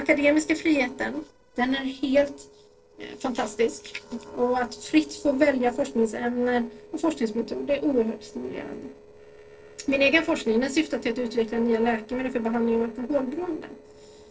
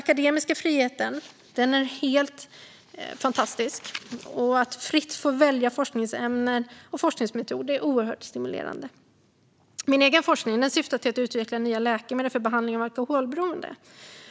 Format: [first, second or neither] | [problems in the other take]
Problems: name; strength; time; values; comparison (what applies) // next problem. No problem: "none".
second | noise reduction (neural separator model SepFormer DNS4)